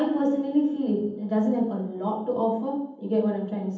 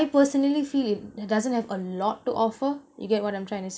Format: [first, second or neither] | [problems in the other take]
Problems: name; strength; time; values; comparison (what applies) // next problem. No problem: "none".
second | room echo; dies away in 0.8 s